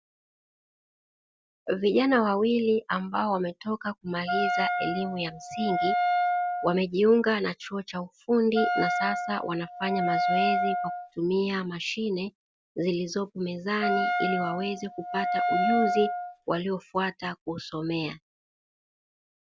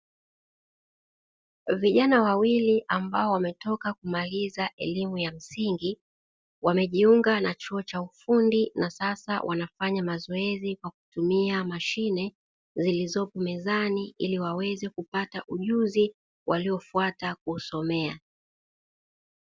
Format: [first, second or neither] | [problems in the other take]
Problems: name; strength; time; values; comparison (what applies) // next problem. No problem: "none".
second | background sound (Wind instrument, woodwind instrument); 1 dB above the speech